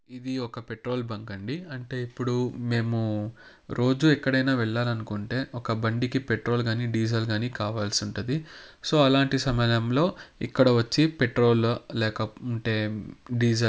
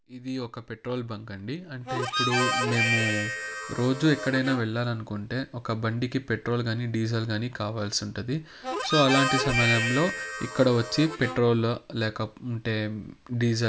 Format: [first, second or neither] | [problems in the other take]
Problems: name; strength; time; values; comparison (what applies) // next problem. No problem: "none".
first | background sound (Harmonica); 2 dB below the speech